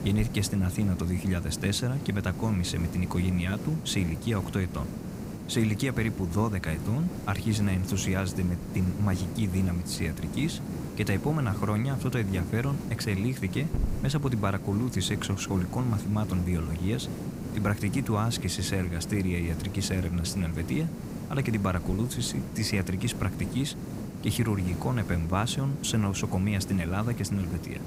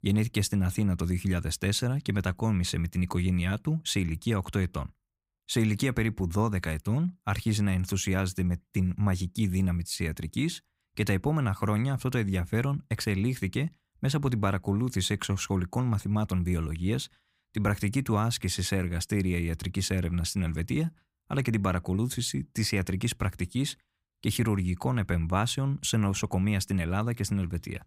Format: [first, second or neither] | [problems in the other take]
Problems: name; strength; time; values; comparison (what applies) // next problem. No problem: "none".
second | hiss; loud; throughout; 7 dB below the speech